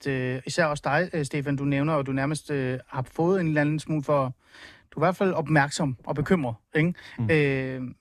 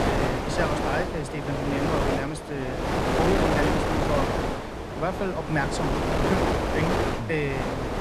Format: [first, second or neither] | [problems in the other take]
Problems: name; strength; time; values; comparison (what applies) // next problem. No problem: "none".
first | wind noise on the microphone; heavy; 4 dB above the speech